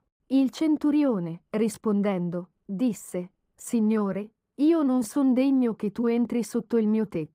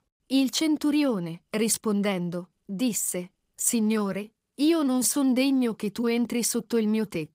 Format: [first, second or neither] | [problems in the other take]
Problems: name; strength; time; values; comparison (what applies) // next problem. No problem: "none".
second | muffled; very; fading above 2 kHz